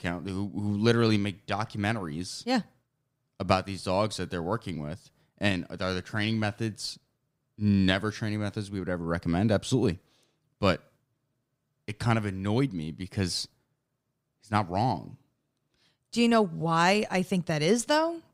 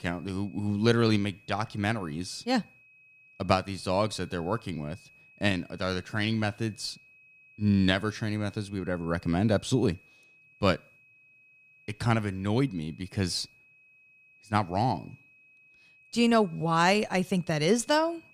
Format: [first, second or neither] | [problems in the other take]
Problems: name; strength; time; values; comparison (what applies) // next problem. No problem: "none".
first | high-pitched whine; faint; throughout; 2.5 kHz, 30 dB below the speech